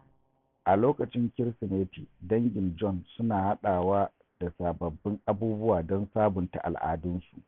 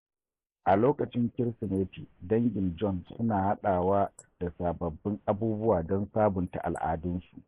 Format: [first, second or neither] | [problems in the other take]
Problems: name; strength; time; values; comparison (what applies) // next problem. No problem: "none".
first | noise reduction (neural mask model Resemble Enhance denoiser)